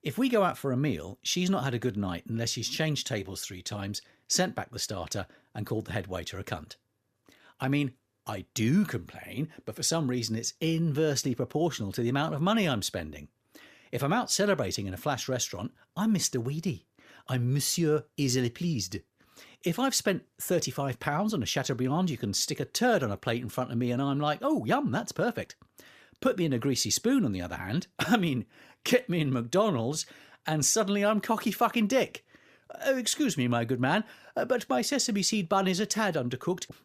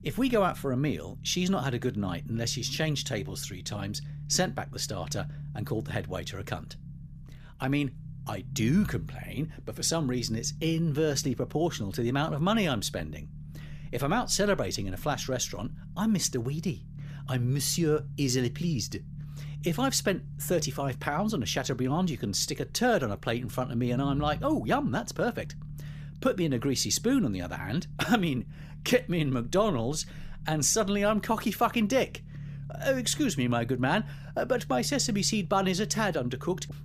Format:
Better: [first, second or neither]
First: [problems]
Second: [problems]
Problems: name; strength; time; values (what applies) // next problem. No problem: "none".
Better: first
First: none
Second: low rumble; faint; throughout; 20 dB below the speech